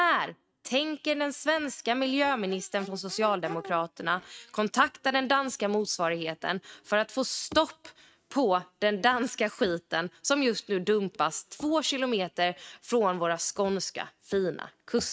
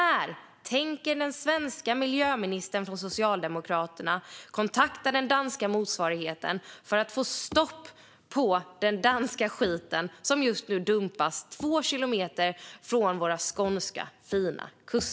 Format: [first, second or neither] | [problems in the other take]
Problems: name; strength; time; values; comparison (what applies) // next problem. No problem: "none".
second | noise reduction (neural mask model RNNoise)